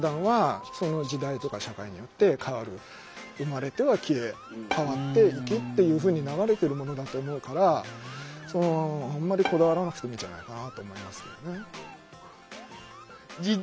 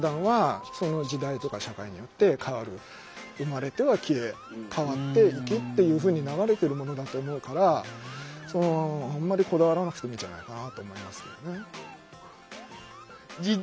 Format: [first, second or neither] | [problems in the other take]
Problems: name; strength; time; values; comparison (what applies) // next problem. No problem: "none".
second | background sound (Bowed string instrument); 13 dB below the speech